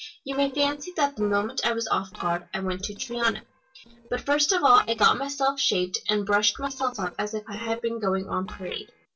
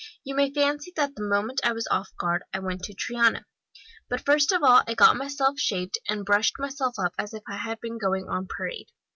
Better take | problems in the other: second | noise reduction (neural separator model SepFormer DNS4)

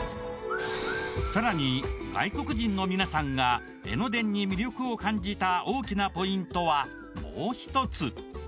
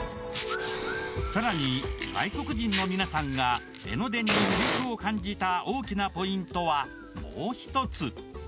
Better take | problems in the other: first | background sound (Fire); 7 dB below the speech

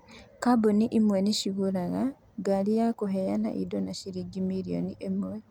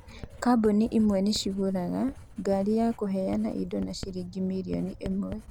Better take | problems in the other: first | background sound (Writing); 17 dB below the speech

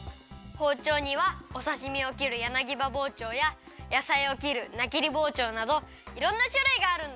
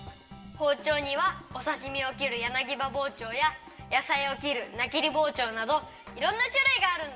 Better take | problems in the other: first | room echo; dies away in 0.6 s

